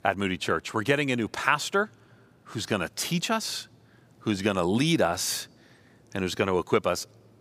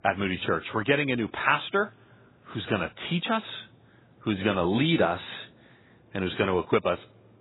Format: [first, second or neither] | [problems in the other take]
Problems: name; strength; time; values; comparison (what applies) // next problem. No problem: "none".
first | garbled, watery; badly; nothing above 4 kHz